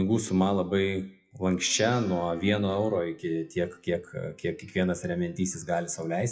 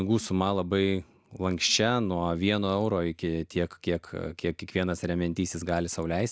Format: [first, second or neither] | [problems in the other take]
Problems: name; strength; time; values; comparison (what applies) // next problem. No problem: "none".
second | noise reduction (classical method WPE with log-MMSE)